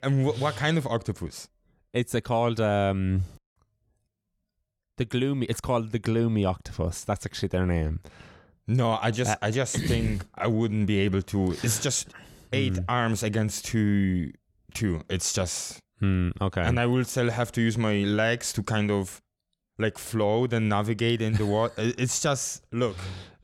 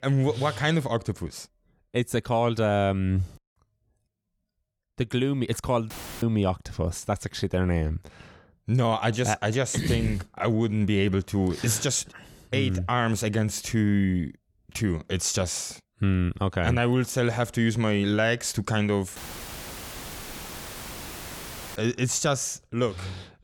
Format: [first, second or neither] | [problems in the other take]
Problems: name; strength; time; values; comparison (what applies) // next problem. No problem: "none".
first | audio cutting out; filled with static; at 6 s and at 19 s for 2.5 s